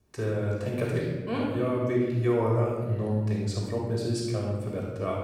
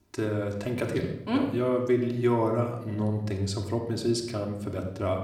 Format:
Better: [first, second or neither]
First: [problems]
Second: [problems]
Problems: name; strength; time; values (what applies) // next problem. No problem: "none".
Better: second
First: room echo; strong; dies away in 1.2 s // off-mic speech; far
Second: room echo; slight; dies away in 0.7 s // off-mic speech; somewhat distant